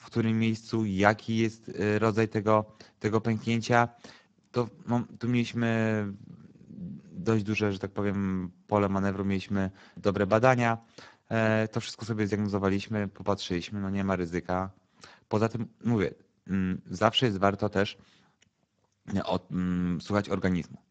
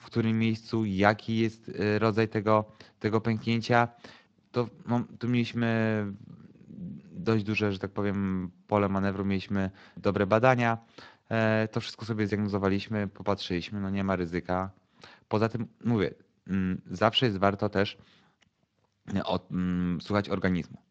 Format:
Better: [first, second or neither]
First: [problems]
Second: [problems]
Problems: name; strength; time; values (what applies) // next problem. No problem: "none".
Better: second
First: garbled, watery; badly; nothing above 7.5 kHz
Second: garbled, watery; slightly